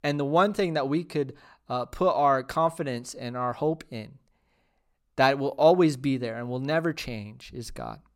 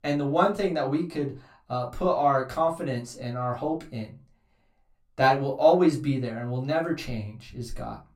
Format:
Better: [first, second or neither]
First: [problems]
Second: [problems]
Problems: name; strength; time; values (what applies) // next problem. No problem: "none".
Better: first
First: none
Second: off-mic speech; far // room echo; very slight; dies away in 0.2 s